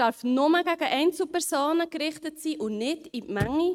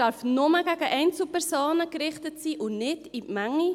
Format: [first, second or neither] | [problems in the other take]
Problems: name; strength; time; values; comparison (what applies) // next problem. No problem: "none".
second | noise reduction (neural mask model RNNoise)